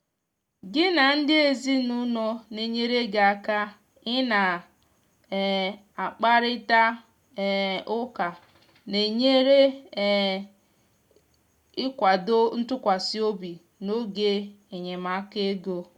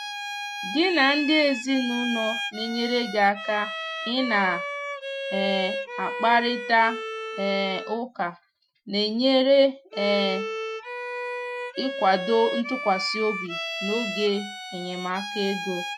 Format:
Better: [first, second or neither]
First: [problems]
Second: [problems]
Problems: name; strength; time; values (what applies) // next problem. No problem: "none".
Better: first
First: none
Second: noise reduction (classical method Wiener filter)